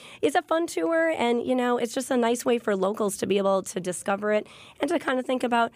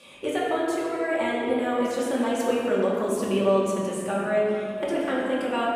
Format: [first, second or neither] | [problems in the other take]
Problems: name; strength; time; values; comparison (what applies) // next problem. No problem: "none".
first | off-mic speech; far // room echo; strong; dies away in 2.6 s